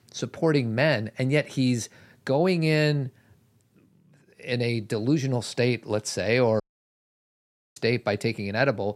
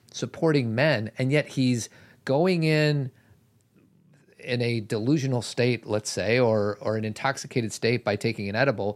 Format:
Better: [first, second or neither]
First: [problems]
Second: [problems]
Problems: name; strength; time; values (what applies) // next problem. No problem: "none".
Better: second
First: audio cutting out; at 6.5 s for 1 s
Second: none